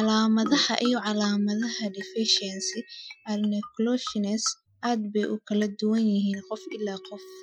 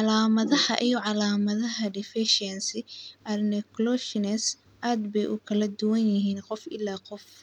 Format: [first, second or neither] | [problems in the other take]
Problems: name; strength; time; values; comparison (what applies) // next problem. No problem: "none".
second | noise reduction (classical method Wiener filter)